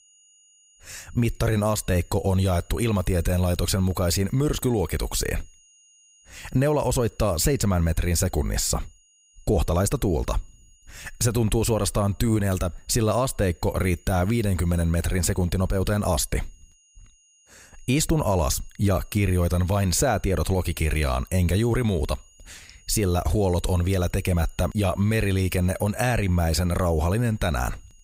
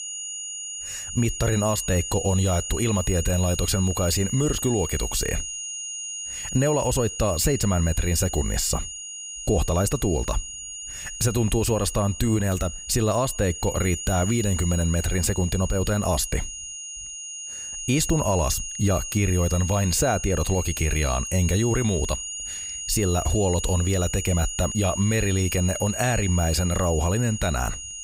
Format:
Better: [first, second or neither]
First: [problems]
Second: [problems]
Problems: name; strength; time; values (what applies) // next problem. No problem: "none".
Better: first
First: high-pitched whine; faint; throughout; 6.5 kHz, 30 dB below the speech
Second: high-pitched whine; loud; throughout; 6.5 kHz, 7 dB below the speech